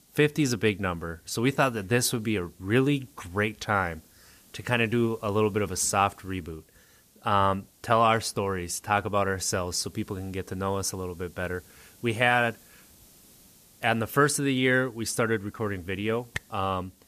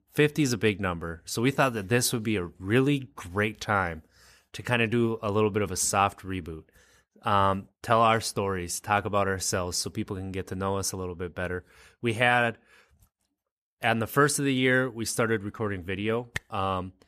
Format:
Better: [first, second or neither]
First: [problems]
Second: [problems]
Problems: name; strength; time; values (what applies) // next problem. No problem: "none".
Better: second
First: hiss; faint; throughout; 30 dB below the speech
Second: none